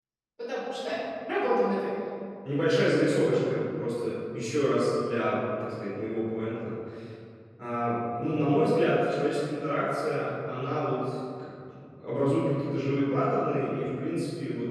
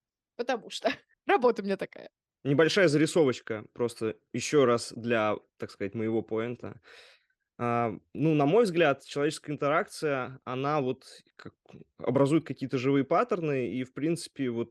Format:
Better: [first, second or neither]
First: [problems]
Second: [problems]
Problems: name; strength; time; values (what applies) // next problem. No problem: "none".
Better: second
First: off-mic speech; far // room echo; strong; dies away in 2.3 s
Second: none